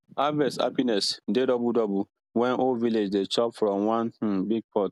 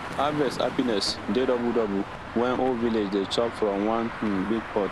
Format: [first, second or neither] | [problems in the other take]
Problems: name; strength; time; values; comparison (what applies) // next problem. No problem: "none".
first | background sound (Traffic noise, roadway noise); 10 dB below the speech